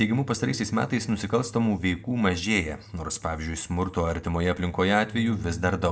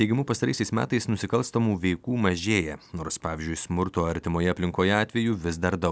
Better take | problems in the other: second | background sound (Bass guitar); 16 dB below the speech // room echo; dies away in 0.2 s

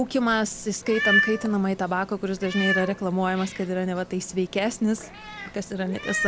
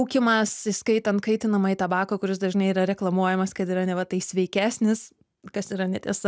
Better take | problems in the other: second | background sound (Meow); 5 dB below the speech

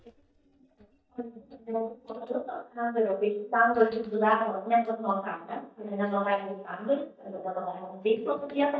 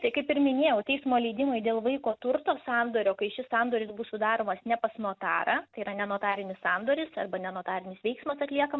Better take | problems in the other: second | noise reduction (neural mask model DeepFilterNet 3)

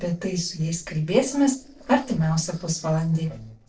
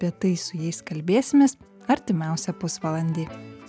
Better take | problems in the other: second | noise reduction (neural separator model SepFormer DNS4)

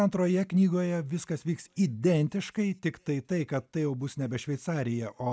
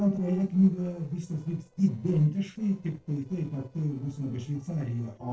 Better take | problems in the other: first | noise reduction (neural separator model SepFormer DNS4)

